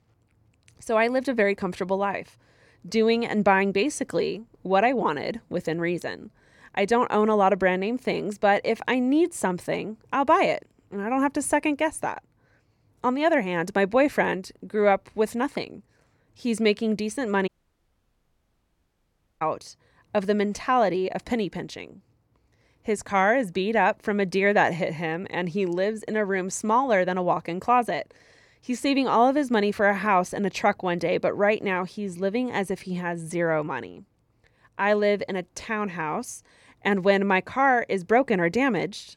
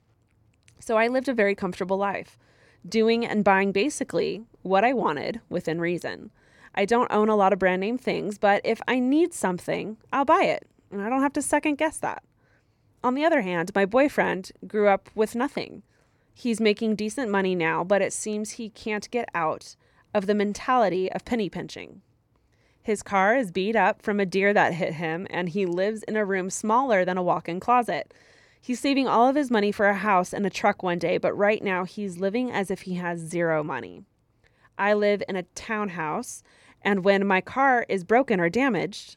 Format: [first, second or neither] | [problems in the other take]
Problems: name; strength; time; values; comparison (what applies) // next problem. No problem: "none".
second | audio cutting out; at 17 s for 2 s